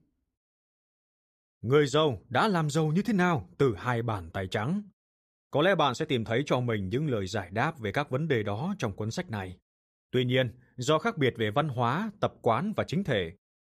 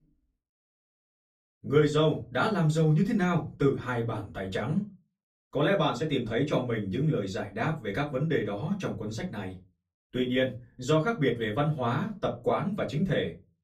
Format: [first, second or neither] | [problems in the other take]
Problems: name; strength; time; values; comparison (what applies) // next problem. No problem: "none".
first | off-mic speech; far // room echo; very slight; dies away in 0.2 s